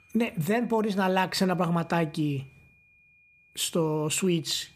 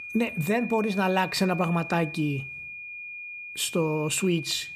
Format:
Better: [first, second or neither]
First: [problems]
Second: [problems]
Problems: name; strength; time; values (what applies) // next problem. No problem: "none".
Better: first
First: high-pitched whine; faint; throughout; 2.5 kHz, 30 dB below the speech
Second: high-pitched whine; loud; throughout; 2.5 kHz, 10 dB below the speech